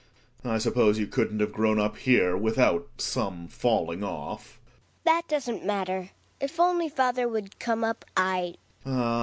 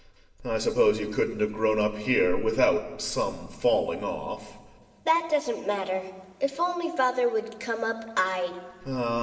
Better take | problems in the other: first | room echo; dies away in 2.7 s

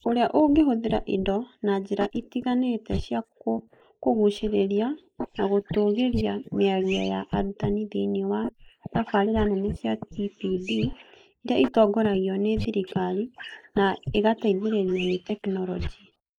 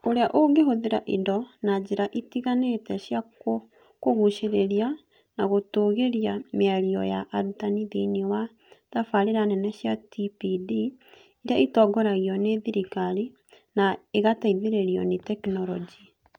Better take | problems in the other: second | noise reduction (neural mask model Resemble Enhance denoiser)

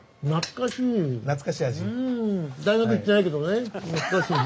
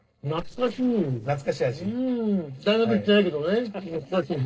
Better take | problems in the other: first | noise reduction (neural separator model SepFormer DNS4)

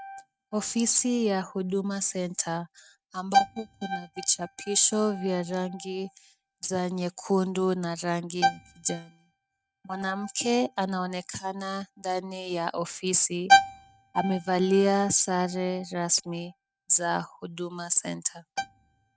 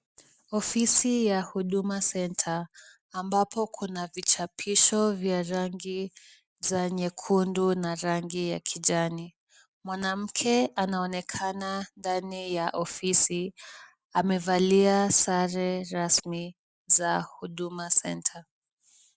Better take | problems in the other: second | noise reduction (neural mask model RNNoise)

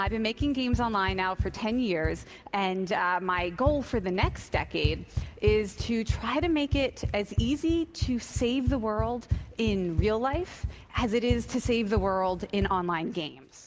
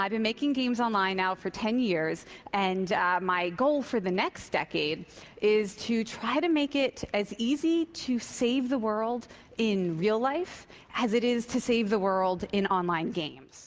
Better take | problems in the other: second | background sound (Run); 5 dB below the speech

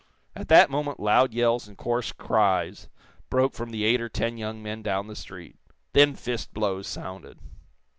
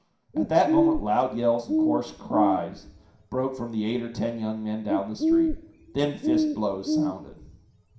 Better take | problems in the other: first | background sound (Bird); as loud as the speech // room echo; dies away in 0.5 s

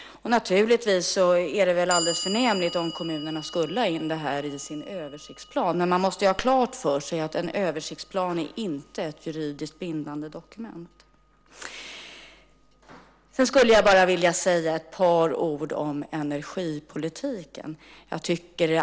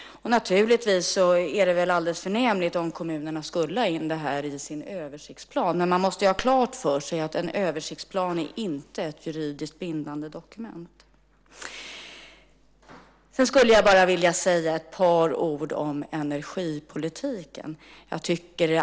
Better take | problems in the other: second | background sound (Clock); 17 dB below the speech

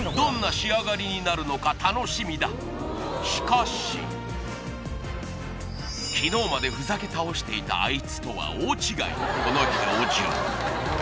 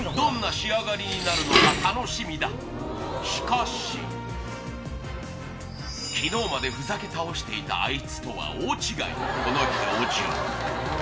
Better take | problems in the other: first | background sound (Dishes, pots, and pans); 1 dB above the speech // room echo; dies away in 0.3 s

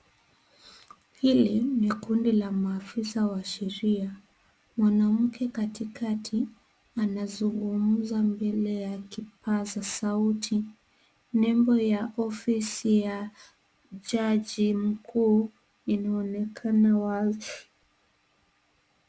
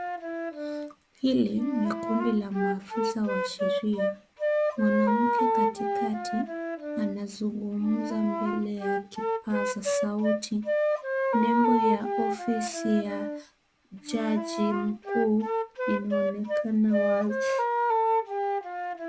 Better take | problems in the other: first | background sound (Wind instrument, woodwind instrument); as loud as the speech

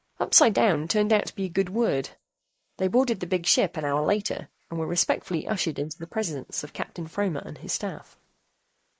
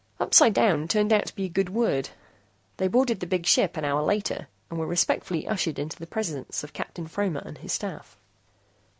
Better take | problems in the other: second | noise reduction (neural mask model Resemble Enhance denoiser)

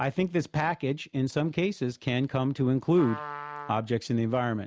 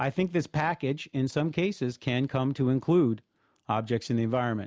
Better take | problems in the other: second | background sound (Trumpet); 16 dB below the speech

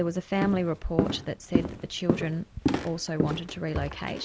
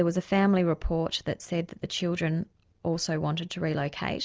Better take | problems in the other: second | background sound (Walk, footsteps); as loud as the speech

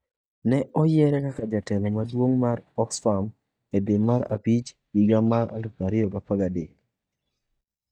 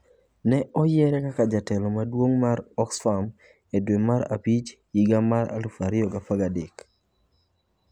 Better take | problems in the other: second | noise reduction (neural mask model DeepFilterNet 3)

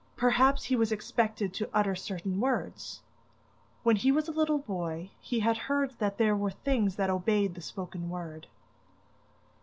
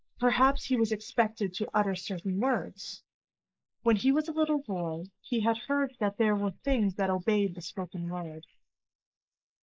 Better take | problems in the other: first | noise reduction (neural mask model Resemble Enhance denoiser)

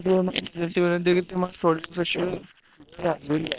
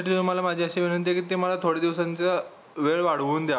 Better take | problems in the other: second | noise reduction (neural separator model SepFormer WHAM!)

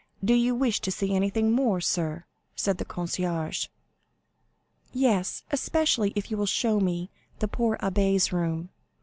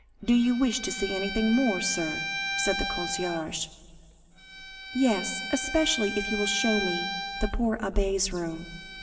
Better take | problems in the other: first | background sound (Bowed string instrument); 7 dB below the speech // room echo; dies away in 2.4 s

